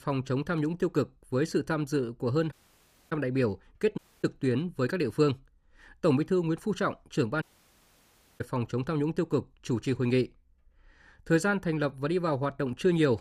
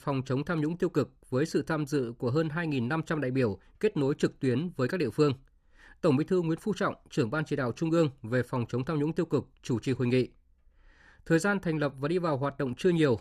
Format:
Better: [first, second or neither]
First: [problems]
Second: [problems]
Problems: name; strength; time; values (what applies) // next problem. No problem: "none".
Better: second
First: audio cutting out; at 2.5 s for 0.5 s, at 4 s and at 7.5 s for 1 s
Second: none